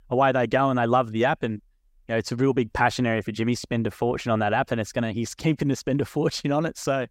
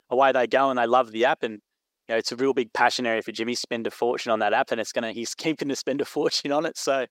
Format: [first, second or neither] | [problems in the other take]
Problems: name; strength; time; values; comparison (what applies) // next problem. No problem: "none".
first | thin; somewhat; fading below 400 Hz